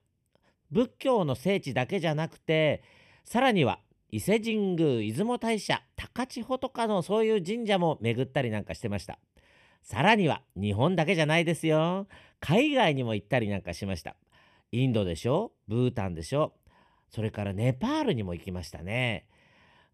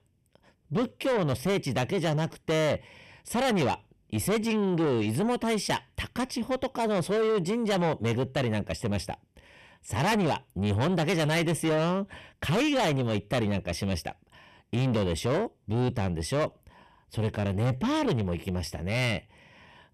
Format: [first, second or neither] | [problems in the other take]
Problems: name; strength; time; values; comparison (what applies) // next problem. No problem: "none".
first | distortion; heavy; 7 dB below the speech